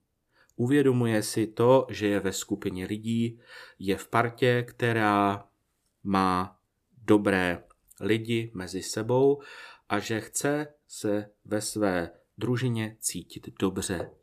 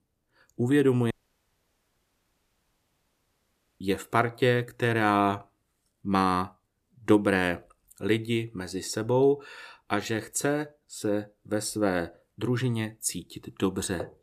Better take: first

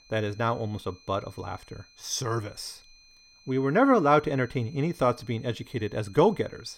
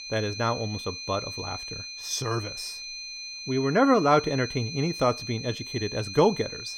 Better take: first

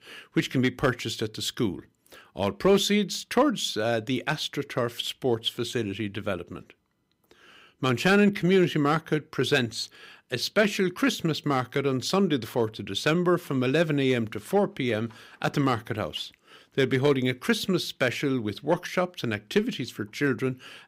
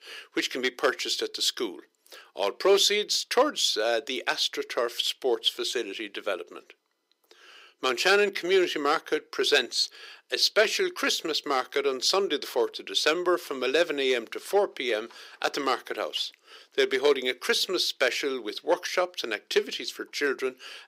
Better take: first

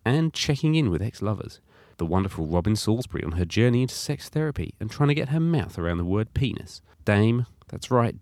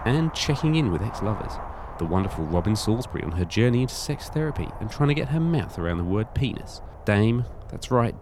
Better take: first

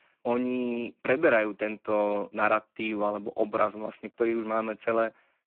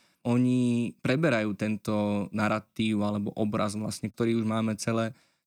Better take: second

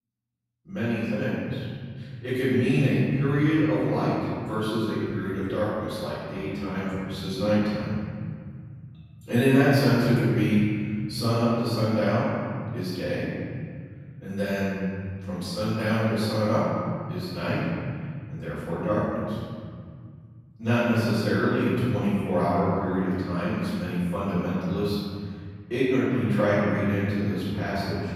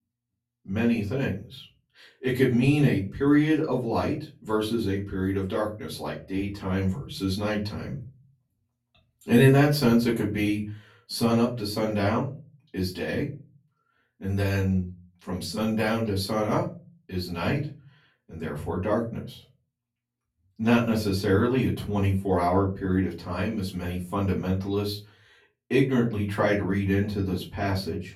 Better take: second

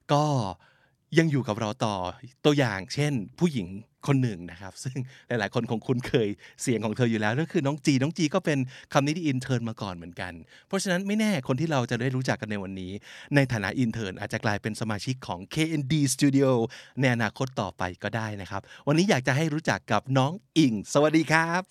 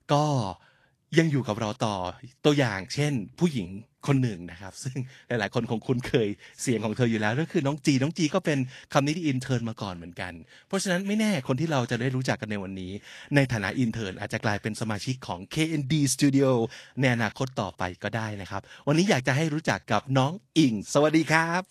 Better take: first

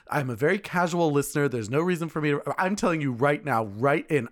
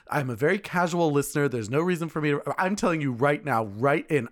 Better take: neither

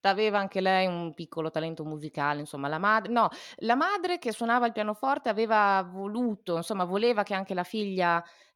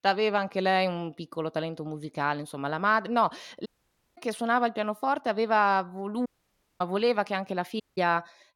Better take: first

